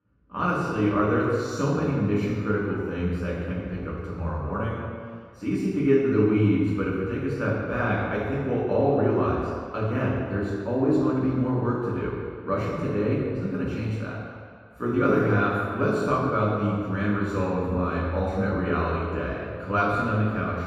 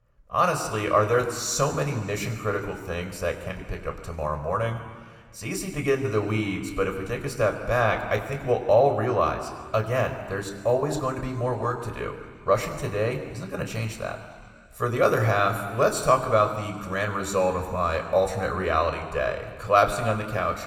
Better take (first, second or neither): second